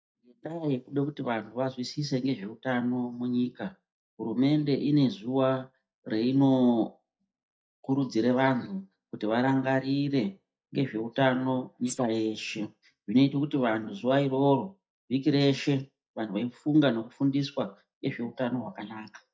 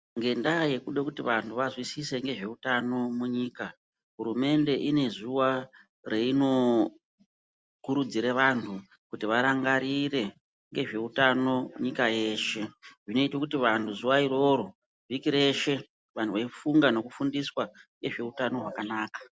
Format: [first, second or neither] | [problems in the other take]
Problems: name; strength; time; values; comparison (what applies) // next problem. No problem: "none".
second | noise reduction (neural mask model DeepFilterNet 3)